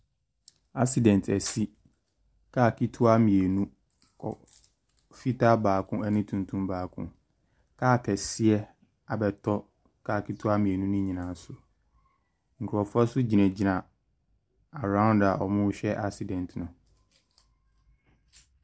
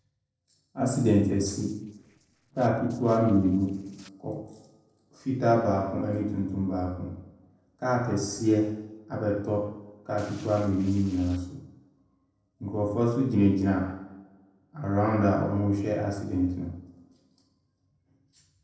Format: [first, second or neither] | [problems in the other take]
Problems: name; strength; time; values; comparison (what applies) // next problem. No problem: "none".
first | noise reduction (neural separator model SepFormer DNS4)